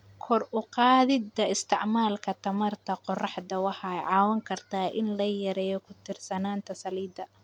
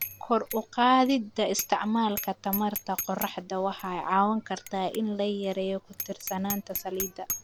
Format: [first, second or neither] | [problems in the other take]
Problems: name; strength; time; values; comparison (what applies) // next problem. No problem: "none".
first | background sound (Bicycle bell); 11 dB below the speech